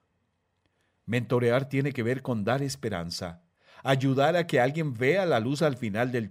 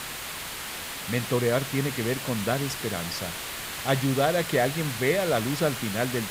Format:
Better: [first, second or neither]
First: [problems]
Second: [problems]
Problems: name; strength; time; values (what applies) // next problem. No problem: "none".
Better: first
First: none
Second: hiss; loud; throughout; 6 dB below the speech